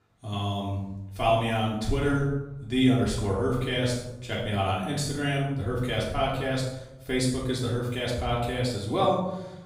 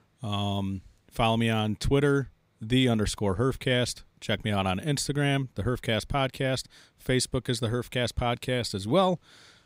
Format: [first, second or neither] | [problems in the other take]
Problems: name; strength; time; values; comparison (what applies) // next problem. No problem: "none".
second | off-mic speech; far // room echo; noticeable; dies away in 0.8 s